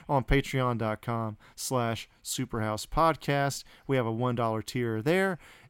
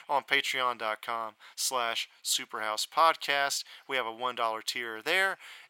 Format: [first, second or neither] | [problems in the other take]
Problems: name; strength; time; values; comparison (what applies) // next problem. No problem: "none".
first | thin; very; fading below 800 Hz